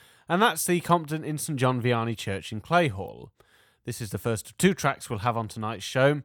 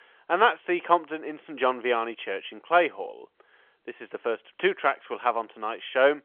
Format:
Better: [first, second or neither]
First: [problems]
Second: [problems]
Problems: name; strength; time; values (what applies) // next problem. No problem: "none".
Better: first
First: none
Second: phone-call audio; nothing above 3.5 kHz